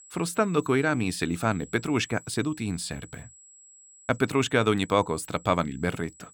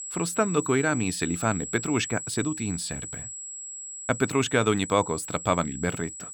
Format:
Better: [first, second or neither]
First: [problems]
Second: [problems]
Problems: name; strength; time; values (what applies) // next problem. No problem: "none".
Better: first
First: high-pitched whine; faint; throughout; 8 kHz, 20 dB below the speech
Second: high-pitched whine; loud; throughout; 8 kHz, 8 dB below the speech